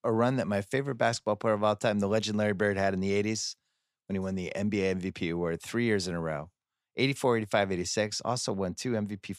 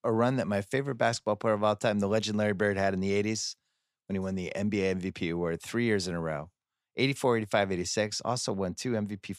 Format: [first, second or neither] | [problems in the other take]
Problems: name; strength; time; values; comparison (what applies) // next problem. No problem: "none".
neither | none